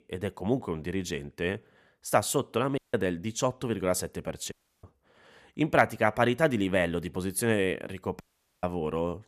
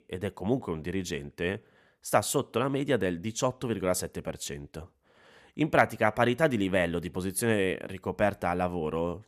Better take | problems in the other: second | audio cutting out; at 3 s, at 4.5 s and at 8 s

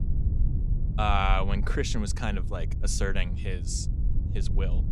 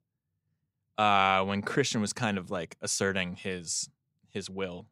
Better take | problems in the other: second | low rumble; noticeable; throughout; 15 dB below the speech

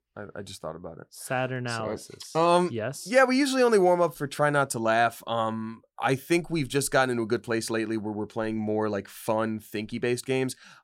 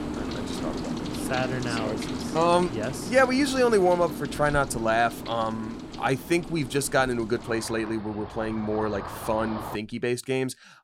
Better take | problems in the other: first | rain or running water; loud; throughout; 9 dB below the speech

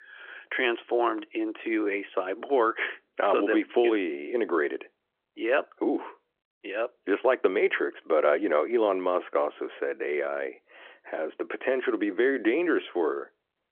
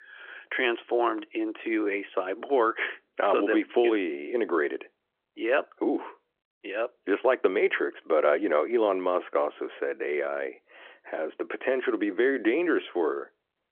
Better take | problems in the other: neither | phone-call audio; the same in both

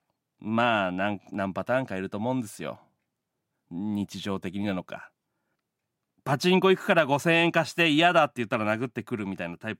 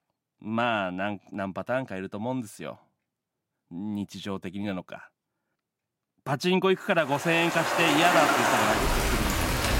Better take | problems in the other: first | rain or running water; very loud; from 7.5 s on; 3 dB above the speech

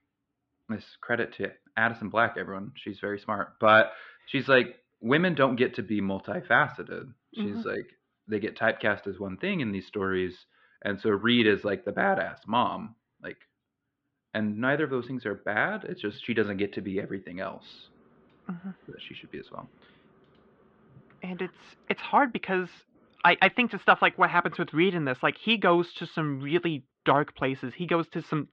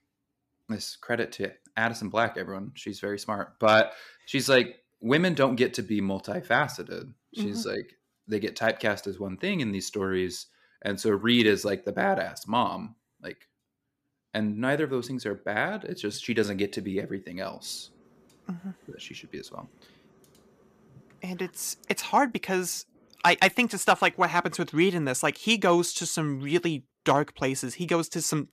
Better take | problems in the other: second | muffled; very; fading above 3.5 kHz

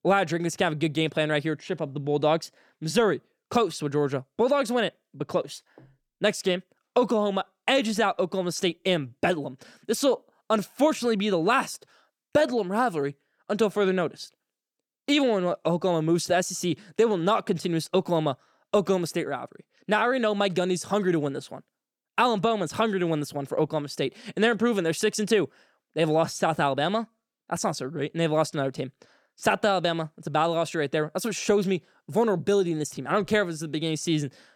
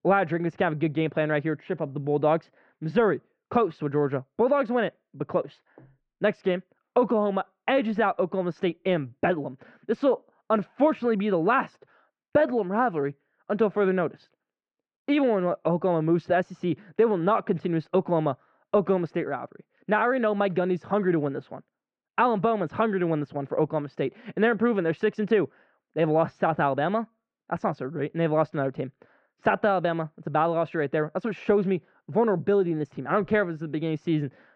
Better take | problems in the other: first | muffled; very; fading above 2 kHz

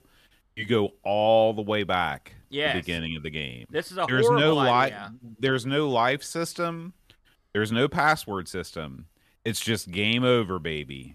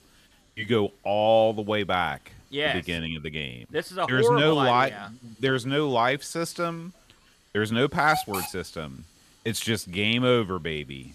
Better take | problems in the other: first | hiss; noticeable; throughout; 10 dB below the speech

